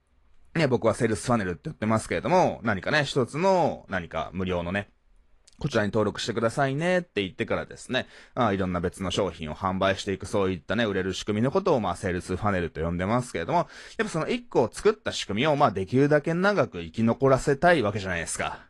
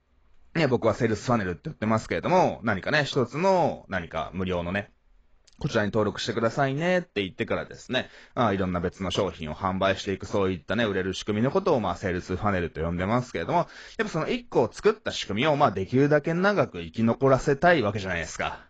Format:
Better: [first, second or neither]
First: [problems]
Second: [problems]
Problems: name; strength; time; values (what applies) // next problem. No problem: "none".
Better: first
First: garbled, watery; slightly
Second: garbled, watery; badly; nothing above 7.5 kHz